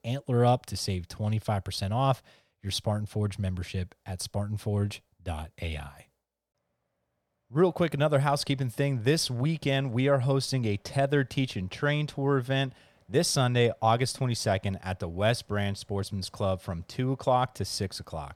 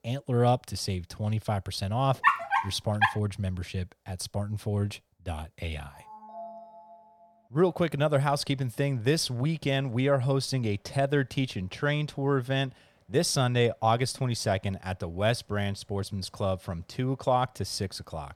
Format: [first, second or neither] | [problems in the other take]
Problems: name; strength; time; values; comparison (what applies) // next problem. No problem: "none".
first | dog barking; loud; at 2 s; peak 5 dB above the speech // phone ringing; faint; from 6 to 7.5 s; peak 15 dB below the speech